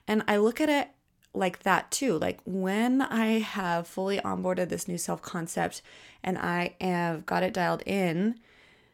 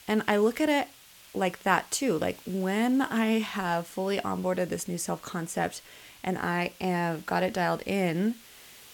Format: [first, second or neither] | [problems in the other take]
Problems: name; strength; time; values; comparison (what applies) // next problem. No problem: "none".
first | hiss; faint; throughout; 20 dB below the speech